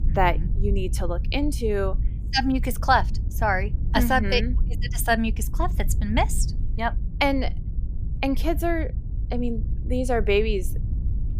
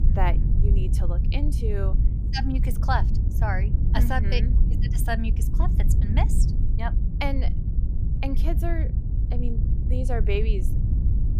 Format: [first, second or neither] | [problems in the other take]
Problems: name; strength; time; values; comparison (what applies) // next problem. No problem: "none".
first | low rumble; loud; throughout; 8 dB below the speech; faint in the first